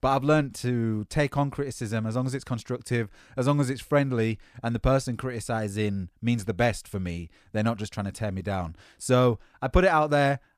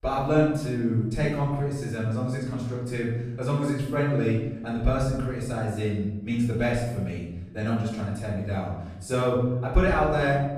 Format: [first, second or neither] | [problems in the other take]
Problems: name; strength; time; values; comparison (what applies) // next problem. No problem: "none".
first | off-mic speech; far // room echo; noticeable; dies away in 1.1 s